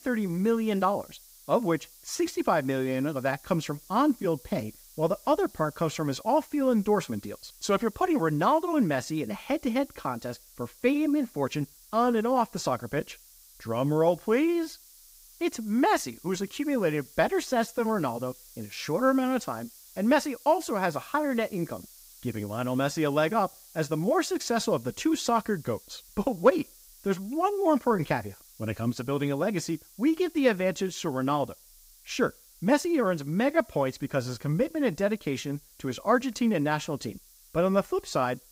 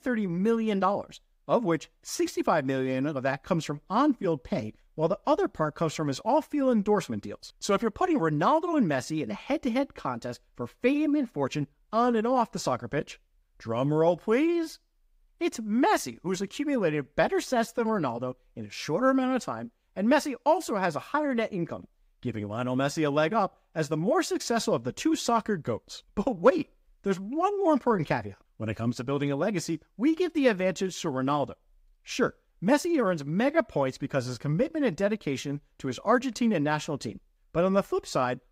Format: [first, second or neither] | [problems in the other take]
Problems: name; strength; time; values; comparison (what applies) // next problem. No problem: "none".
second | hiss; faint; throughout; 25 dB below the speech